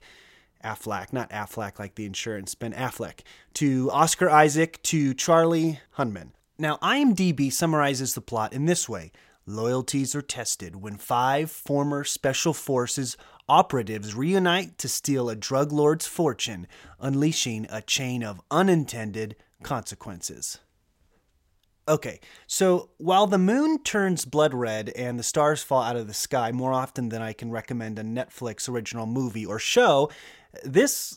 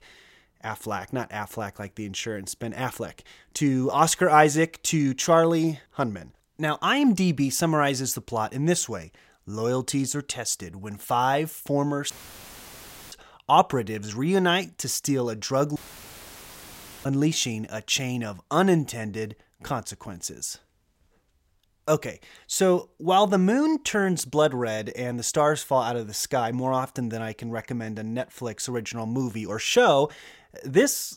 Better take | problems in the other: first | audio cutting out; filled with static; at 12 s for 1 s and at 16 s for 1.5 s

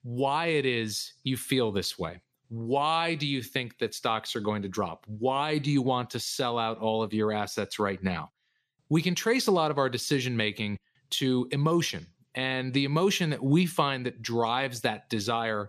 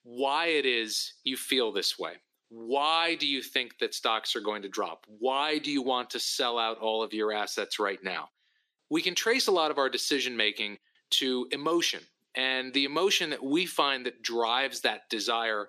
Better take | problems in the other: first | thin; somewhat; fading below 300 Hz

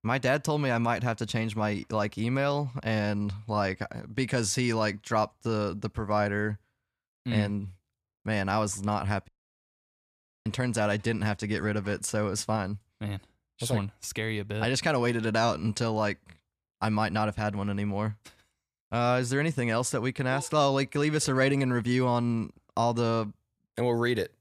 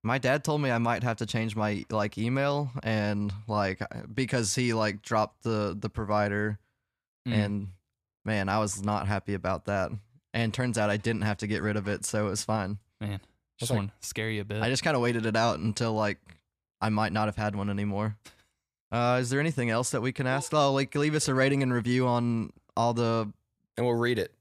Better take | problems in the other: second | audio cutting out; at 9.5 s for 1 s

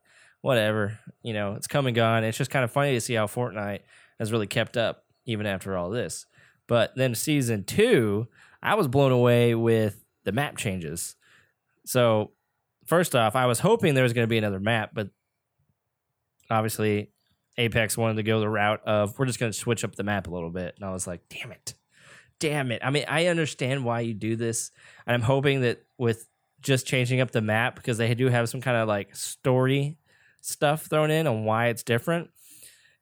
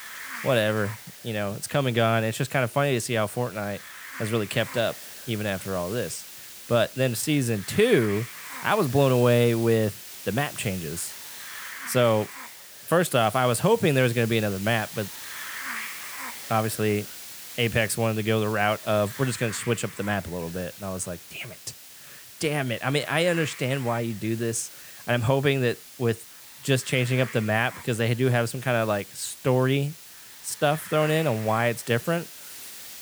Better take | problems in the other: first | hiss; noticeable; throughout; 15 dB below the speech

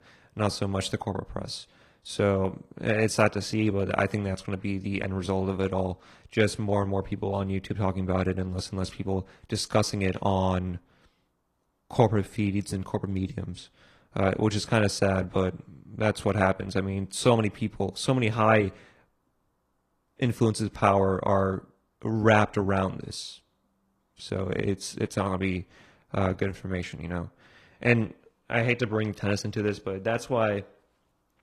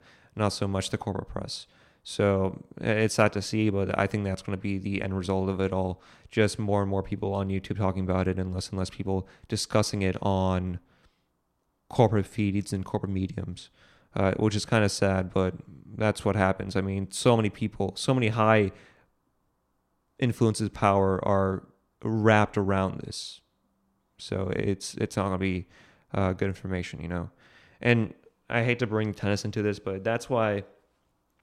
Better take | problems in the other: second | garbled, watery; slightly

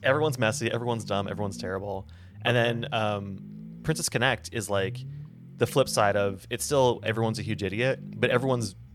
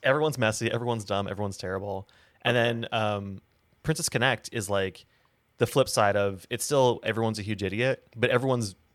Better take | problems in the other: second | low rumble; faint; throughout; 25 dB below the speech

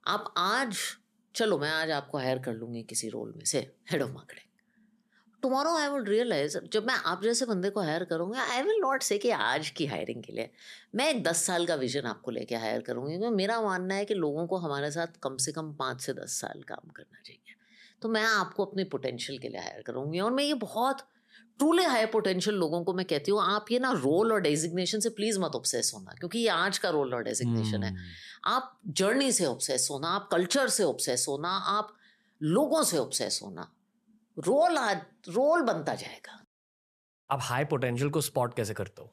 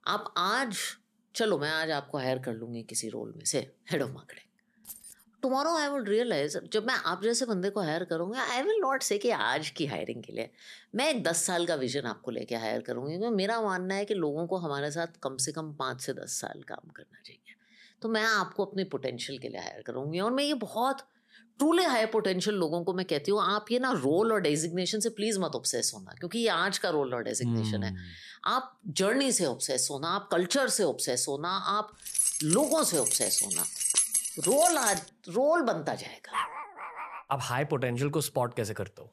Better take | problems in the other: first | jangling keys; faint; at 5 s; peak 15 dB below the speech // jangling keys; loud; from 32 to 35 s; peak 6 dB above the speech // dog barking; noticeable; at 36 s; peak 4 dB below the speech

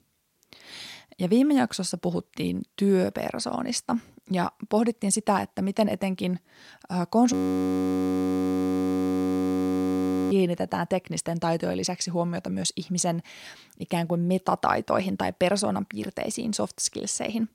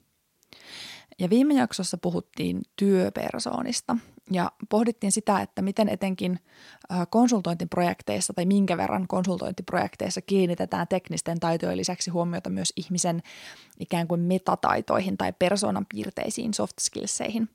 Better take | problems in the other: second | audio freezing; at 7.5 s for 3 s

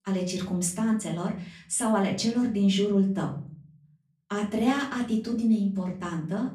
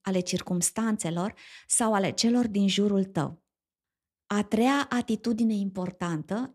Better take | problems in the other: second | off-mic speech; far // room echo; slight; dies away in 0.5 s

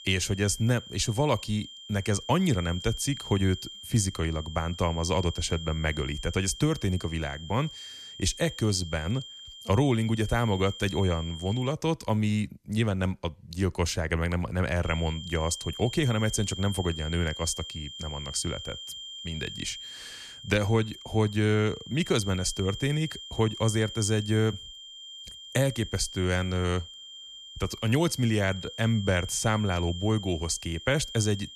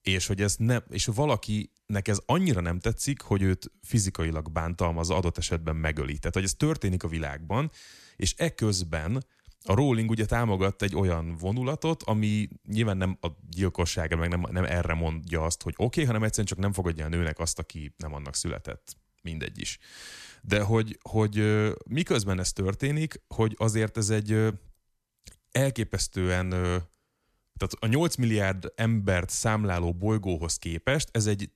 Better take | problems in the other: second | high-pitched whine; noticeable; until 12 s and from 15 s on; 3 kHz, 10 dB below the speech

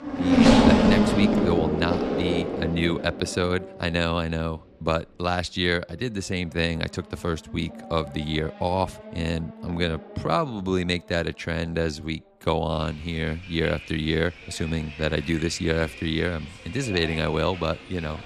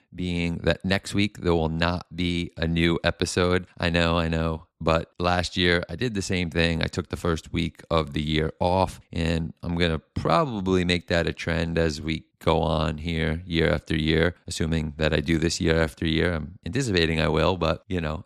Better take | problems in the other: second | traffic noise; very loud; throughout; 5 dB above the speech

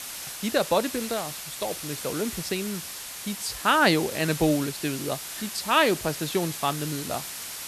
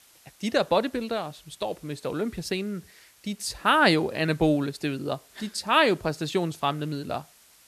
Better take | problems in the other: second | hiss; loud; throughout; 7 dB below the speech; faint in the second

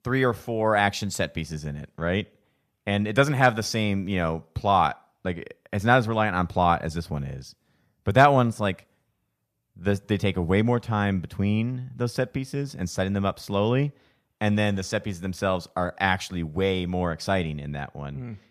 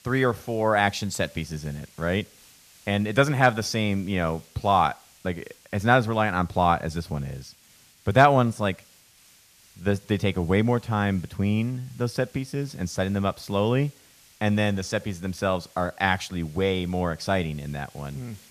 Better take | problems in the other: first | hiss; faint; throughout; 25 dB below the speech

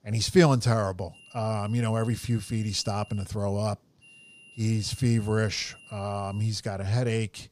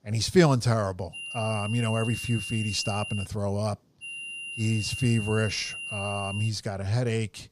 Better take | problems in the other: first | high-pitched whine; loud; from 1 to 3.5 s and from 4 to 6.5 s; 3 kHz, 7 dB below the speech; faint in the first

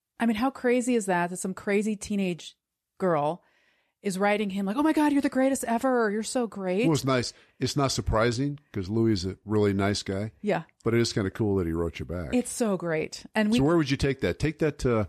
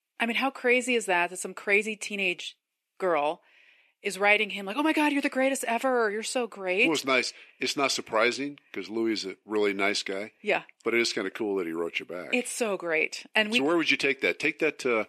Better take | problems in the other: first | thin; somewhat; fading below 300 Hz

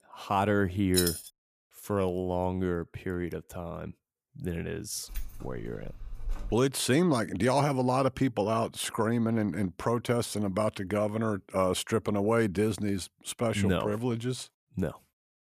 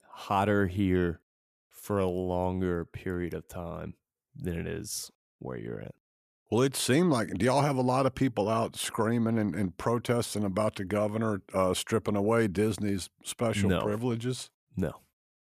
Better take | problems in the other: second | jangling keys; loud; at 1 s; peak level with the speech // jangling keys; faint; from 5 to 6.5 s; peak 10 dB below the speech

